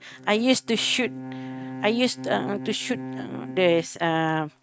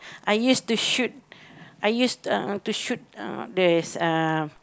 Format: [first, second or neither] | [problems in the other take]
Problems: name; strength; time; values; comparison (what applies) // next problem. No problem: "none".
second | noise reduction (neural mask model RNNoise)